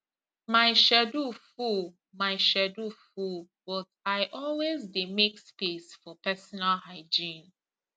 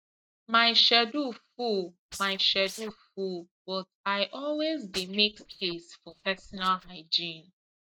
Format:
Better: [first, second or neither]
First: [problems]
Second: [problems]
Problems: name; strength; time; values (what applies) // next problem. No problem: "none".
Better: first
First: none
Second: noise reduction (neural mask model DeepFilterNet 3)